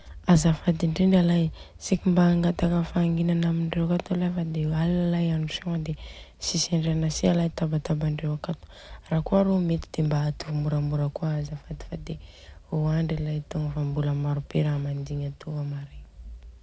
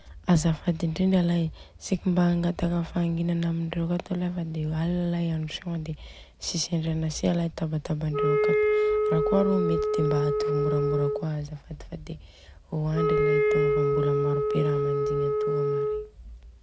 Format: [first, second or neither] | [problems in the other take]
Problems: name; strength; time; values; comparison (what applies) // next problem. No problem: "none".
first | background sound (Wind instrument, woodwind instrument); 2 dB above the speech